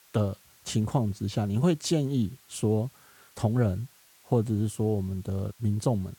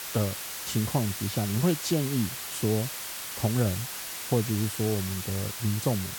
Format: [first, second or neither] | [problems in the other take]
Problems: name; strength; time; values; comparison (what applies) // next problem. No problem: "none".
first | hiss; loud; throughout; 4 dB below the speech; faint in the first